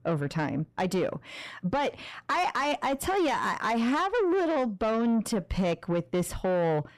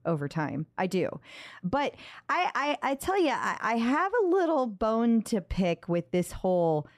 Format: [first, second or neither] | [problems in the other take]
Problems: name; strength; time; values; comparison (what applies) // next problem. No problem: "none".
second | distortion; slight; 10 dB below the speech